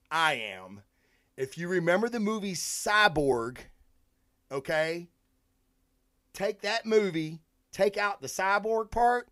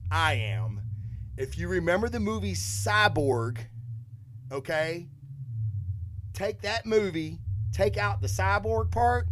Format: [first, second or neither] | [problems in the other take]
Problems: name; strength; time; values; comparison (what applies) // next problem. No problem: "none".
first | low rumble; faint; throughout; 25 dB below the speech